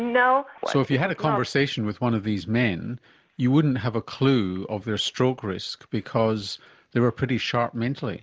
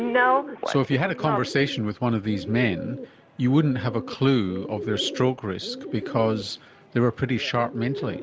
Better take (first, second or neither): first